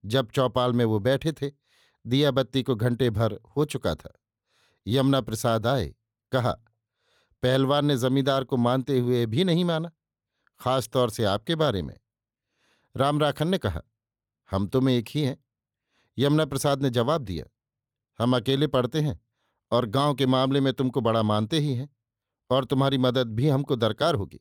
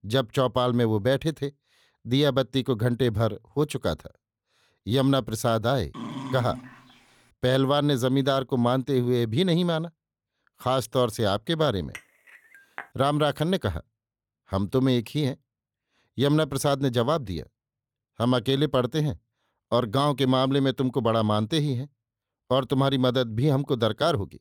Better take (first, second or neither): first